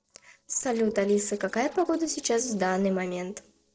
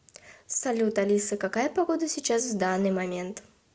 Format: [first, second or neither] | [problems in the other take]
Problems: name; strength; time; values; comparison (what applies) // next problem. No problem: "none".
second | noise reduction (neural separator model SepFormer DNS4)